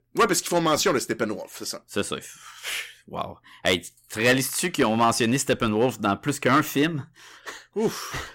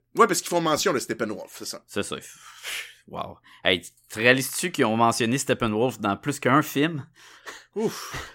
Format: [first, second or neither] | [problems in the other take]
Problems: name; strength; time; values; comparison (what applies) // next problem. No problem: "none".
second | distortion; slight; 3% of the sound clipped